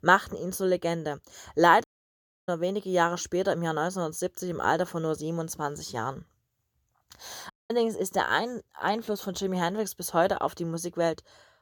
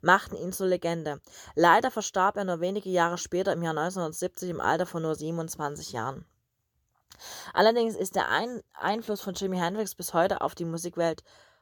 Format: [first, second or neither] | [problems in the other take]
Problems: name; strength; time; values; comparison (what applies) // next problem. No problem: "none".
second | audio cutting out; at 2 s for 0.5 s and at 7.5 s